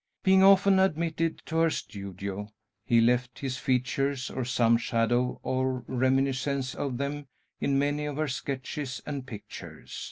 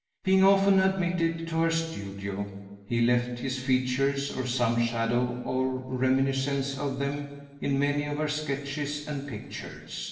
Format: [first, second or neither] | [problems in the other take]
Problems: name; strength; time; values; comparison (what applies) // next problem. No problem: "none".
first | noise reduction (neural separator model SepFormer DNS4)